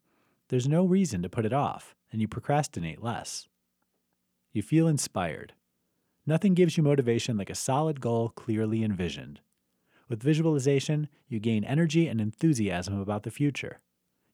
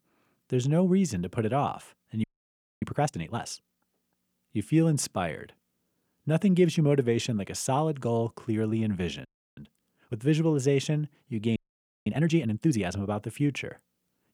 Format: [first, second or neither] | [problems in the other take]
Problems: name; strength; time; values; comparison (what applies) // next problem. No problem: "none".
first | audio freezing; at 2 s for 0.5 s, at 9.5 s and at 12 s for 0.5 s